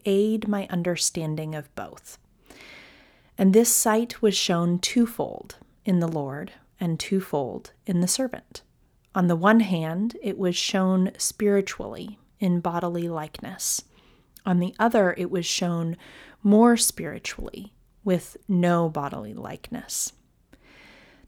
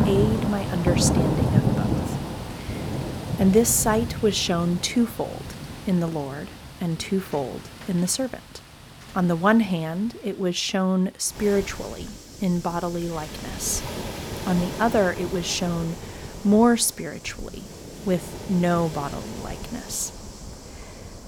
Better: first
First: none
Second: rain or running water; loud; throughout; 6 dB below the speech

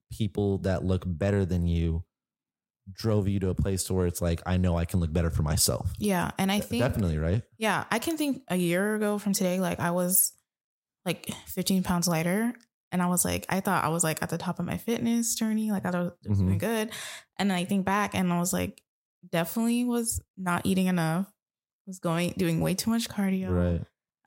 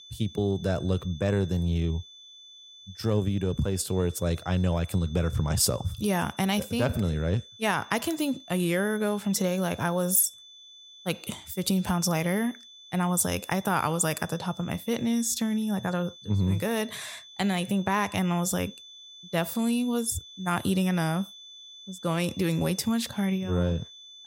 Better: first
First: none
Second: high-pitched whine; noticeable; throughout; 3.5 kHz, 20 dB below the speech

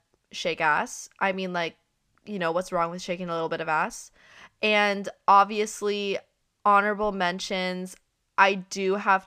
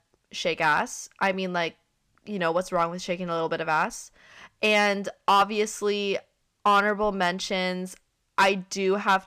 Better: first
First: none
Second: distortion; slight; 1.7% of the sound clipped

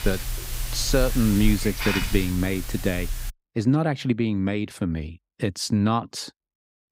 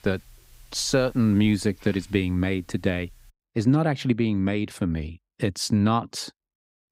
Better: second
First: hiss; loud; until 3.5 s; 5 dB below the speech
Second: hiss; faint; until 3.5 s; 25 dB below the speech

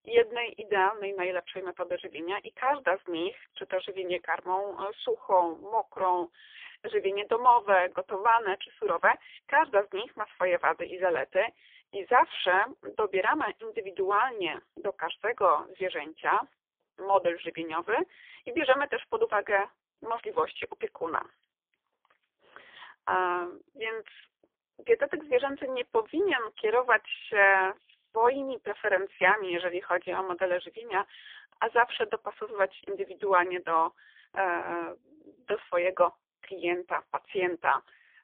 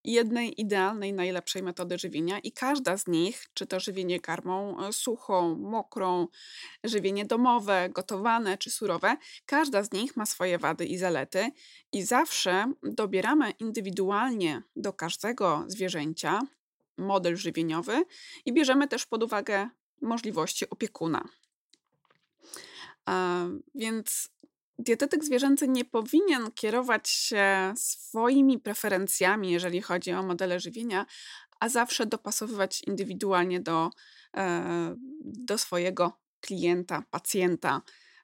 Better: second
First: phone-call audio; poor line; nothing above 3.5 kHz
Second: none

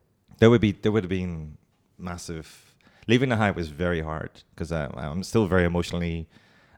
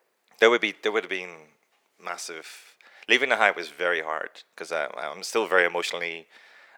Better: first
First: none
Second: thin; very; fading below 500 Hz

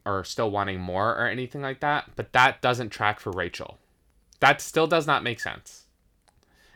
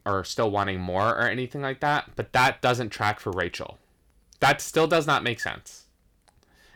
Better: first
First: none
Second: distortion; slight; 1.7% of the sound clipped

